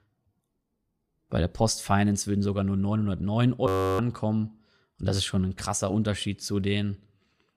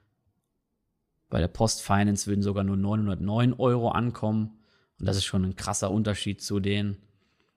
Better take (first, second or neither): second